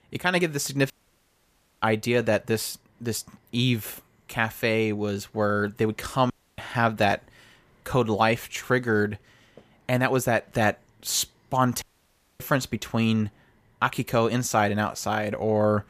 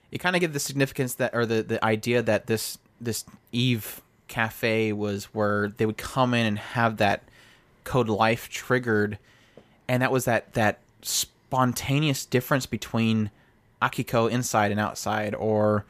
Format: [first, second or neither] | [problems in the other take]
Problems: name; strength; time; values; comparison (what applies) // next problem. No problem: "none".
second | audio cutting out; at 1 s for 1 s, at 6.5 s and at 12 s for 0.5 s